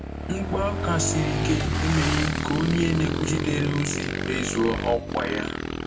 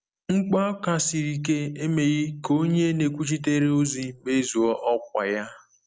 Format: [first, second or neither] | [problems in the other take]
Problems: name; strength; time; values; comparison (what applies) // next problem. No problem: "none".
second | background sound (Motorcycle / Engine); 1 dB below the speech // room echo; dies away in 0.1 s